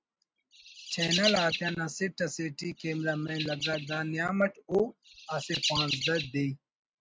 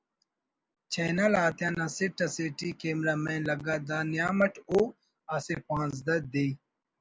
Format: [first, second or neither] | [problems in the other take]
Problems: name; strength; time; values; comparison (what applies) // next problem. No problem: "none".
second | noise reduction (neural mask model RNNoise)